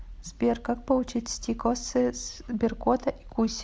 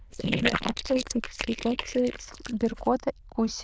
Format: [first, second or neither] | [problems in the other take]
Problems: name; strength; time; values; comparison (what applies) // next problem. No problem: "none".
first | noise reduction (neural diffusion model UNIVERSE++)